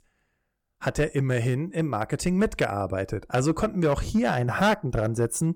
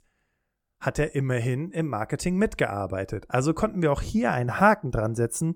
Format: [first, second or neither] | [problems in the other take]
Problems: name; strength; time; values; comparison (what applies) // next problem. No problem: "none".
second | distortion; slight; 3% of the sound clipped